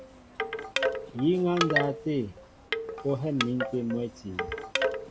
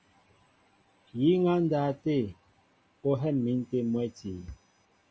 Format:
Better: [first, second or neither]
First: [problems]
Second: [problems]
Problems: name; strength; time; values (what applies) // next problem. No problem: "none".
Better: second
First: background sound (Wind chime / Wood); 2 dB below the speech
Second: none